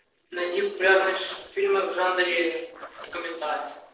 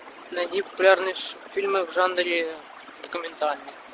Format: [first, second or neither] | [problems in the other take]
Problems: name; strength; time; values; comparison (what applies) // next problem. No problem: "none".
second | noise reduction (neural separator model SepFormer DNS4)